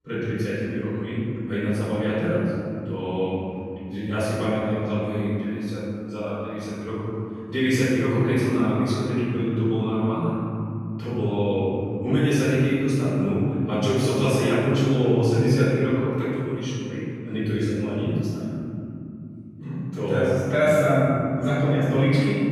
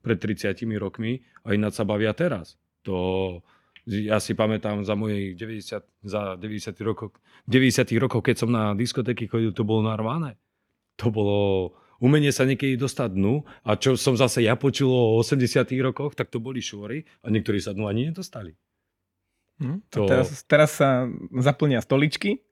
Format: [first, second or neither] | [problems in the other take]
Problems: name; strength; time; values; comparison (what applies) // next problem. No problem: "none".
second | room echo; strong; dies away in 3 s // off-mic speech; far